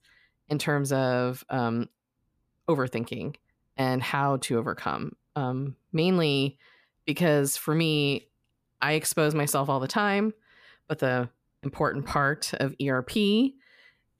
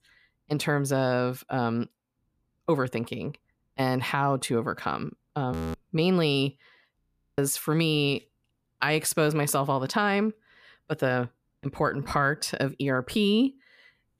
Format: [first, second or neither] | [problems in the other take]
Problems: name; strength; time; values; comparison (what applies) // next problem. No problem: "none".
first | audio freezing; at 5.5 s and at 7 s